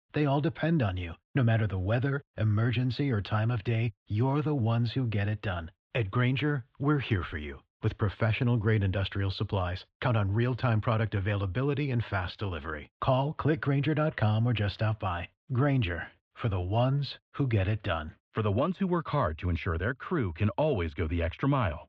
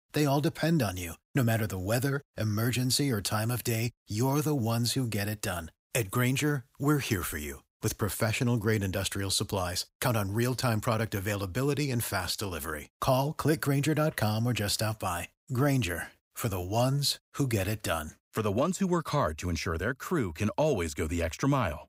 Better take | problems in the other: second | muffled; very; fading above 3.5 kHz

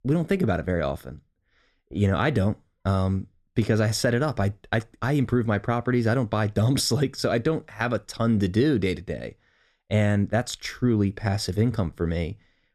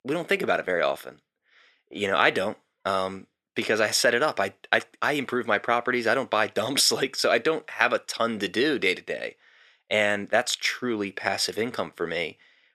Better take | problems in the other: first | thin; very; fading below 500 Hz

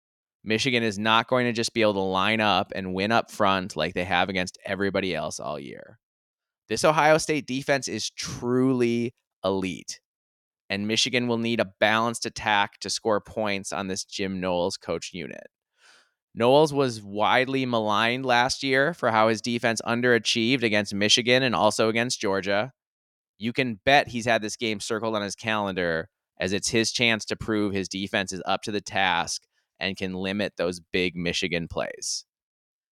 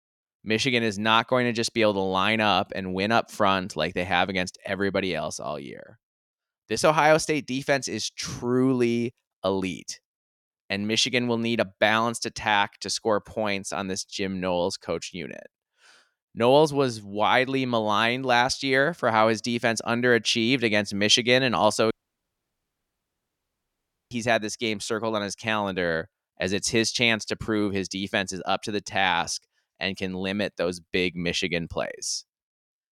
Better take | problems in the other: first | audio cutting out; at 22 s for 2 s

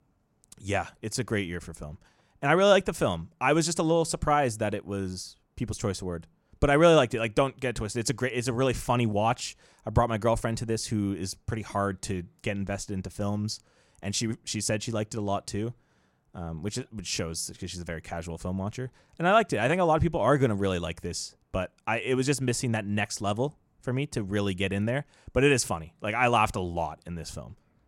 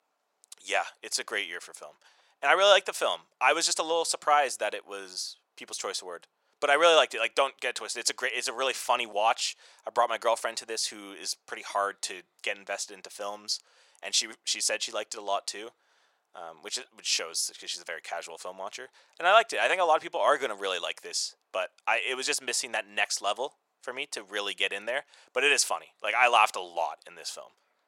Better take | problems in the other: first | thin; very; fading below 600 Hz

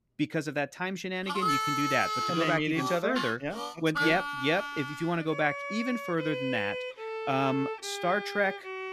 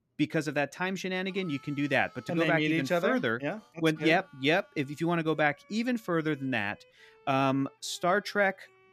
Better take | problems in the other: second | background music; loud; throughout; 3 dB below the speech; faint in the second

